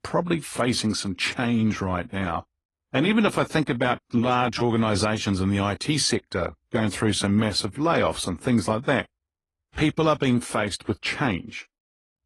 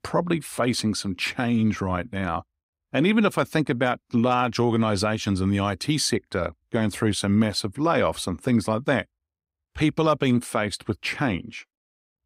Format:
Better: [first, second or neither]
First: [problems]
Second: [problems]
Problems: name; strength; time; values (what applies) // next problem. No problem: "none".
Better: second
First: garbled, watery; slightly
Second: none